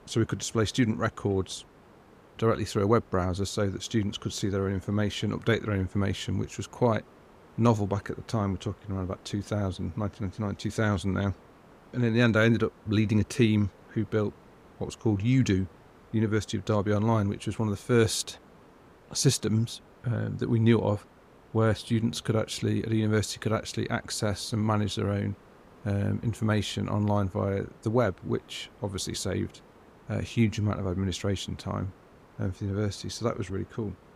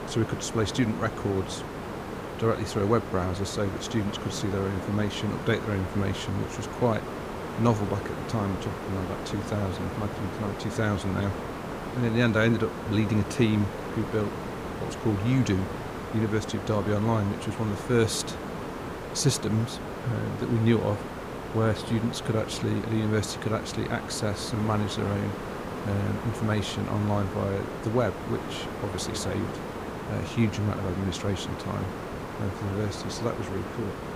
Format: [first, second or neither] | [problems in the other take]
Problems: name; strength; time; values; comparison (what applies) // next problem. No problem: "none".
first | hiss; loud; throughout; 6 dB below the speech; faint in the first